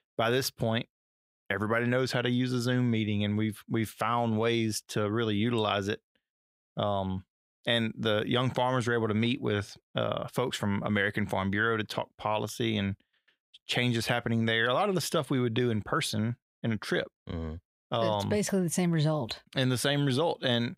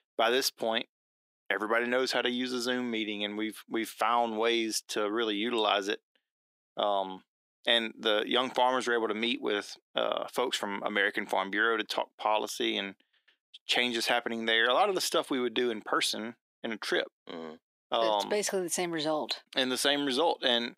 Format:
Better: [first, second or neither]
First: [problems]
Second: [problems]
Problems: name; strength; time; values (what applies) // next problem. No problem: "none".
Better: first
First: none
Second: thin; somewhat; fading below 300 Hz